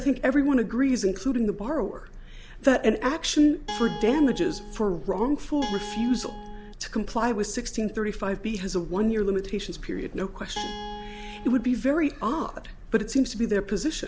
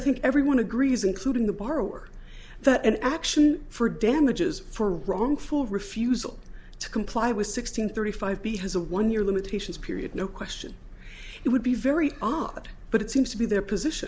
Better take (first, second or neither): second